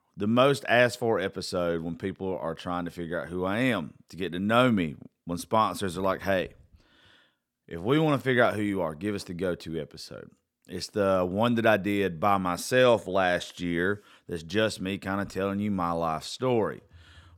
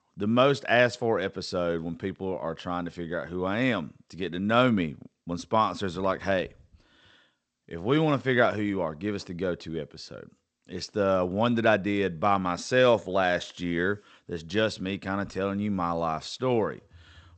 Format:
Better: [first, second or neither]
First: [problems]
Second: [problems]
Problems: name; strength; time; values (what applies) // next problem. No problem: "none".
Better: first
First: none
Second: garbled, watery; slightly; nothing above 8 kHz